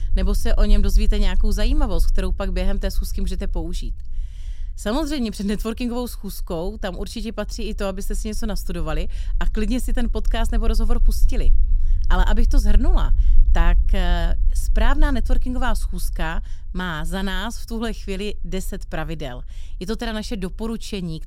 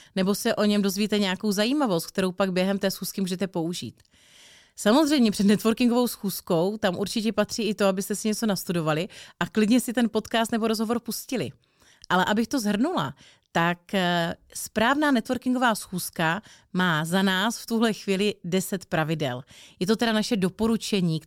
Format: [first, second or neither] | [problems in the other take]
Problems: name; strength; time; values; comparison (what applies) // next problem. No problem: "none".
second | low rumble; faint; throughout; 20 dB below the speech